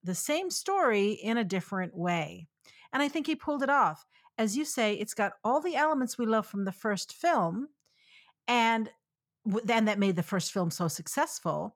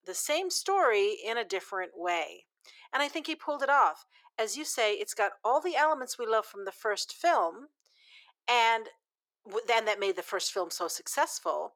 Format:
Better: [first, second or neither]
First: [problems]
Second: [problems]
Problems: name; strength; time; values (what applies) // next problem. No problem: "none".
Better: first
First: none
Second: thin; very; fading below 350 Hz